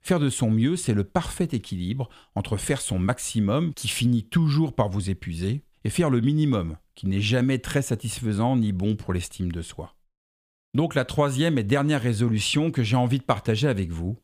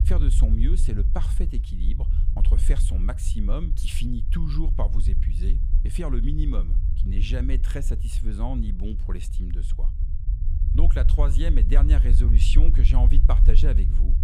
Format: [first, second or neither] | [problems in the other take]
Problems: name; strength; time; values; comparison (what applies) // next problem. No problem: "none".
first | low rumble; loud; throughout; 7 dB below the speech